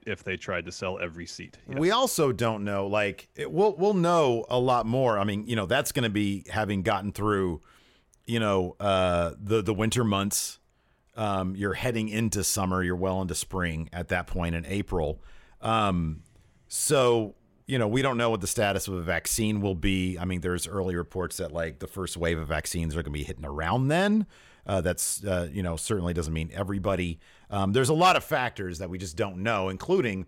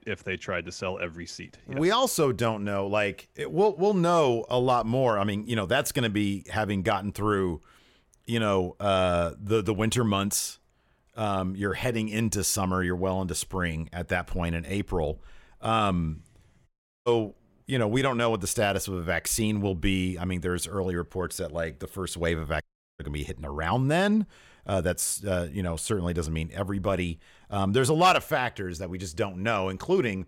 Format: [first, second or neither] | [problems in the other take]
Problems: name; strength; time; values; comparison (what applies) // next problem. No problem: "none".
first | audio cutting out; at 17 s and at 23 s